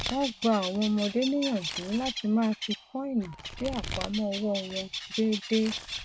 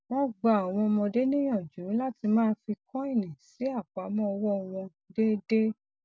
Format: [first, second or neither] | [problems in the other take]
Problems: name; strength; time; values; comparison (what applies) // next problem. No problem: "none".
second | background sound (Domestic sounds, home sounds + Bird); 8 dB below the speech